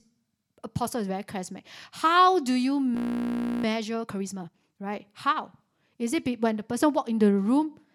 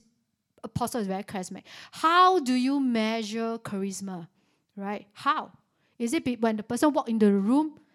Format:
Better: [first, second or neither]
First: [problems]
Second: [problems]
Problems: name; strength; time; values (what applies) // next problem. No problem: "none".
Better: second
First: audio freezing; at 3 s for 0.5 s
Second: none